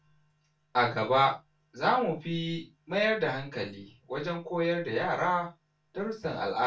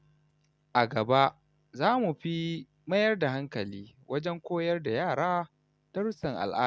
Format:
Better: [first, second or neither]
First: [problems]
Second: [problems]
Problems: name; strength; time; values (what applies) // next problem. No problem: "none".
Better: second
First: room echo; dies away in 0.2 s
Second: none